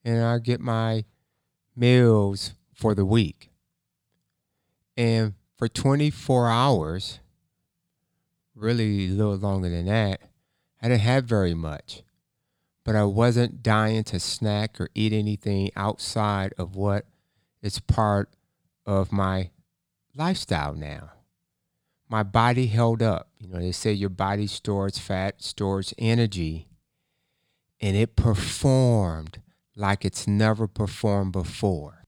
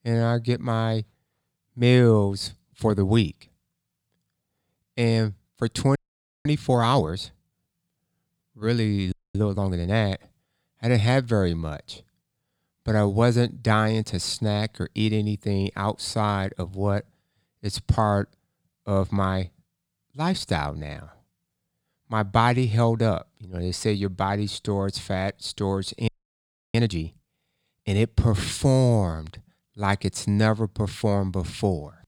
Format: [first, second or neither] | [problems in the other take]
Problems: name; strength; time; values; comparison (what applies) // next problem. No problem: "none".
first | audio freezing; at 6 s, at 9 s and at 26 s for 0.5 s